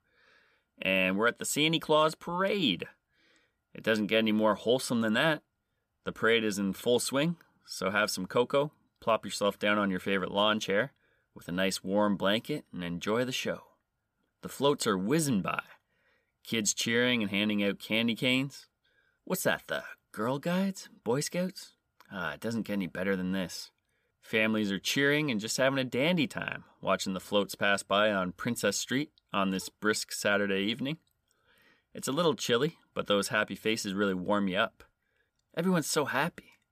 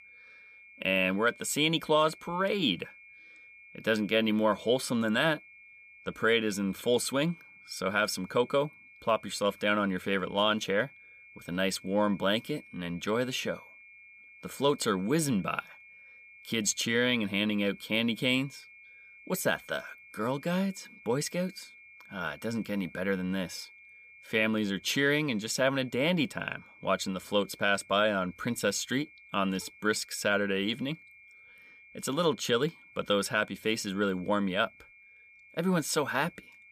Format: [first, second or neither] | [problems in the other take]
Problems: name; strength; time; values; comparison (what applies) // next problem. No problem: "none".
first | high-pitched whine; faint; throughout; 2.5 kHz, 20 dB below the speech